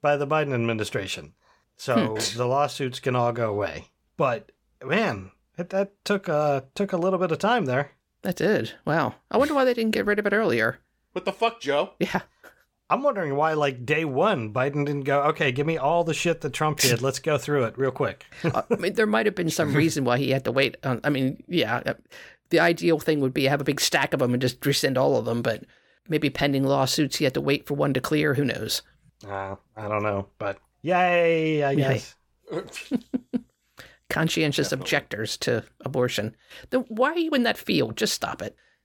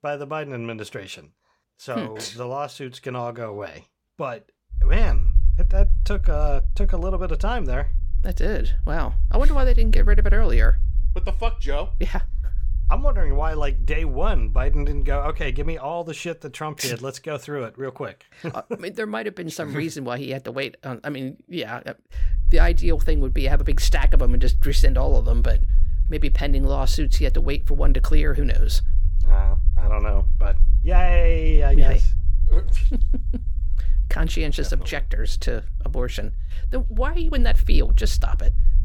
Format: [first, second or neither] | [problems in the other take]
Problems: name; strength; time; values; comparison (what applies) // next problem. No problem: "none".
first | low rumble; noticeable; from 5 to 16 s and from 22 s on; 20 dB below the speech